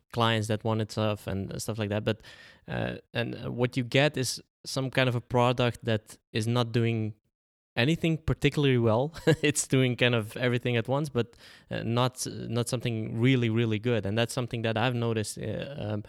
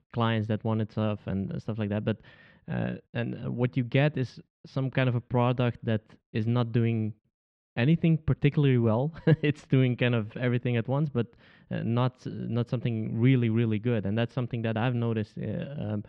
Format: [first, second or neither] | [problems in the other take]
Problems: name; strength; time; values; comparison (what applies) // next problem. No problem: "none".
first | muffled; very; fading above 3 kHz